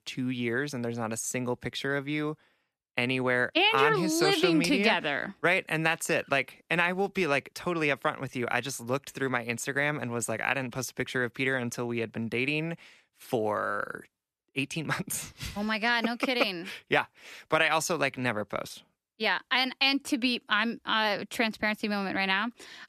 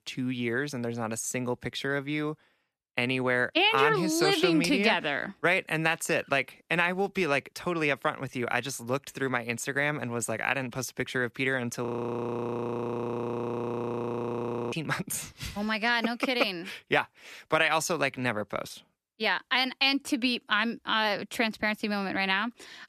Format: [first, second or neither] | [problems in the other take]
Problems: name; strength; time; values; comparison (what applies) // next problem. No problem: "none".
first | audio freezing; at 12 s for 3 s